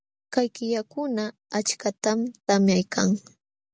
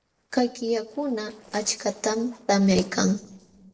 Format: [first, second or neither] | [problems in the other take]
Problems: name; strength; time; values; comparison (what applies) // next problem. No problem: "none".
first | noise reduction (neural separator model SepFormer DNS4)